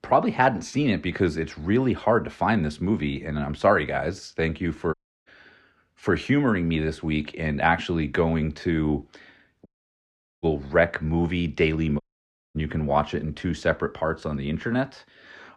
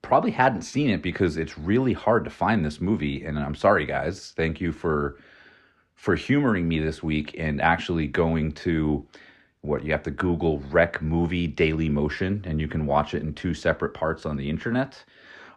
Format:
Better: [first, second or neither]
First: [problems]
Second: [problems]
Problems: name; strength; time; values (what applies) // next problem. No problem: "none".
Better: second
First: audio cutting out; at 5 s, at 9.5 s for 1 s and at 12 s for 0.5 s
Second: none